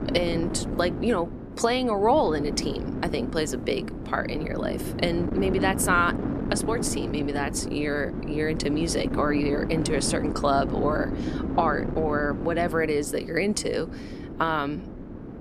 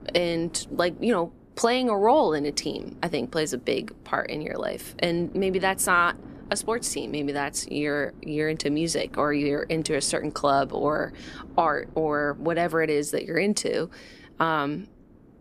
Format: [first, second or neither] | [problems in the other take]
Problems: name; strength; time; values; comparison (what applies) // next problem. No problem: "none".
second | wind noise on the microphone; heavy; 9 dB below the speech; occasional gusts in the second